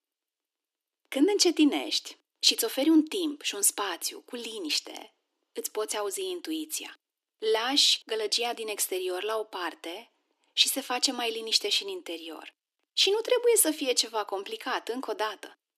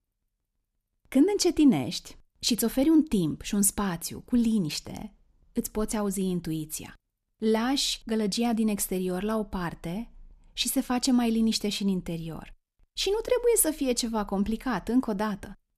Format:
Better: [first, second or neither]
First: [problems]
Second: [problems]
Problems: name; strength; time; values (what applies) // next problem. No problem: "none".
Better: second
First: thin; somewhat; fading below 300 Hz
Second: none